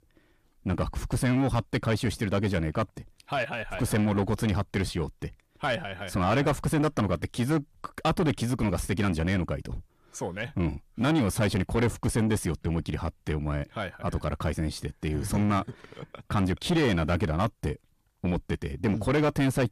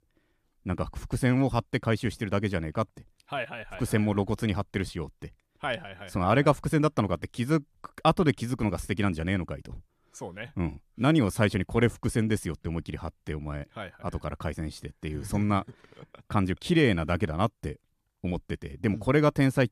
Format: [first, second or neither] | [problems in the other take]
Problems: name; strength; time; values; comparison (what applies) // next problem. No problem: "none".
second | distortion; heavy; 6 dB below the speech